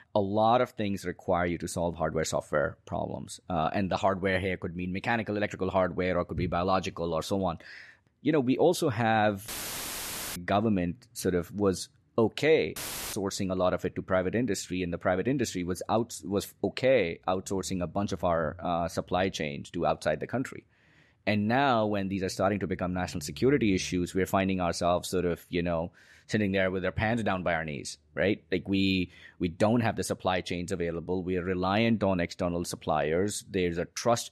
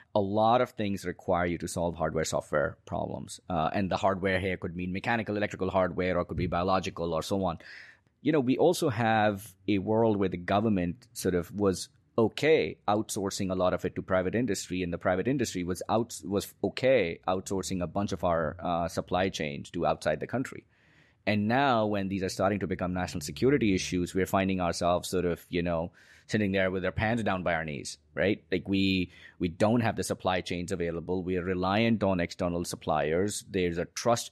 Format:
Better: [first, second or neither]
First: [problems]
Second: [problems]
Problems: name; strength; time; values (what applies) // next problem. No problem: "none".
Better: second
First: audio cutting out; filled with static; at 9.5 s for 1 s and at 13 s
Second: none